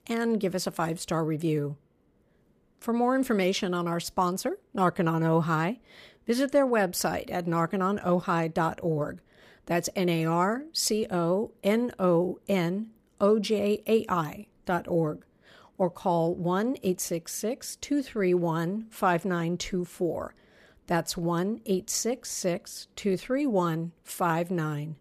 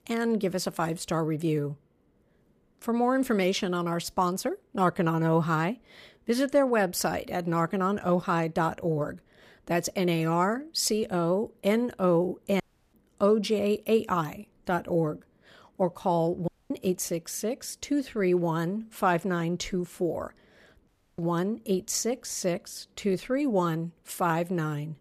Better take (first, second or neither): first